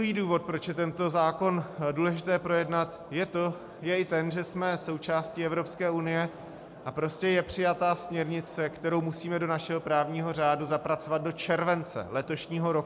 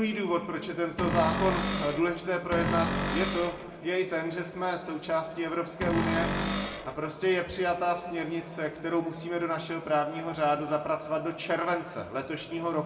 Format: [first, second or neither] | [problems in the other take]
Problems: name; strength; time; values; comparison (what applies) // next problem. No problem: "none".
first | background sound (Cupboard open or close); 1 dB below the speech // room echo; dies away in 1.7 s